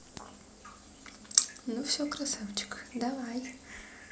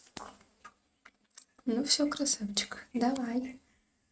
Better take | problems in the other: first | noise reduction (neural mask model RNNoise)

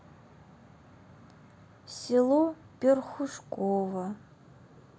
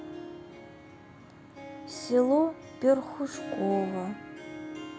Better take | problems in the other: first | background sound (Harp); 11 dB below the speech

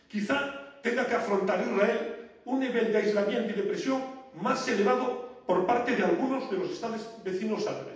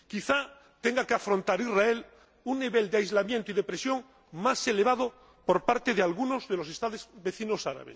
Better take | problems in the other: second | room echo; dies away in 0.8 s

